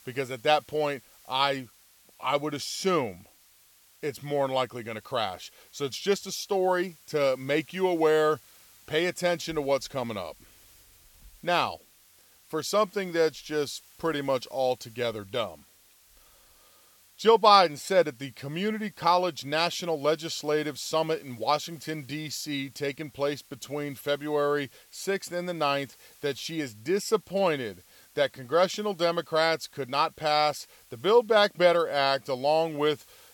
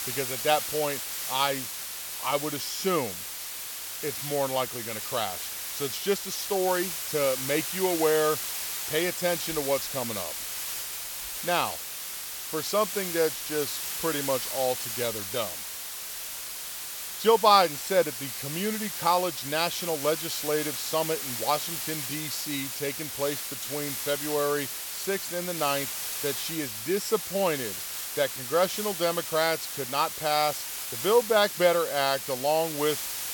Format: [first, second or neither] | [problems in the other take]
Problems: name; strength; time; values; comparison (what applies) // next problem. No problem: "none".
first | hiss; loud; throughout; 4 dB below the speech; faint in the first